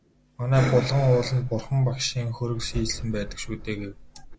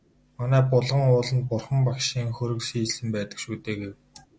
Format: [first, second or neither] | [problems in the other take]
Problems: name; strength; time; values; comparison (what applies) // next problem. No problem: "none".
second | background sound (Breathing); 9 dB below the speech